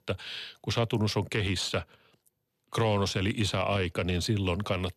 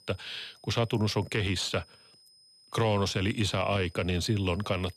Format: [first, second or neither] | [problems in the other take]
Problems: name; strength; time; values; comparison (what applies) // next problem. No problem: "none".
first | high-pitched whine; faint; throughout; 5 kHz, 25 dB below the speech